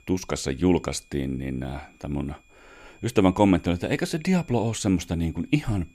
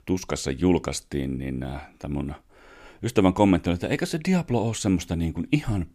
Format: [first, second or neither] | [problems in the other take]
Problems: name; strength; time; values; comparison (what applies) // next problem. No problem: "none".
second | high-pitched whine; faint; throughout; 2.5 kHz, 30 dB below the speech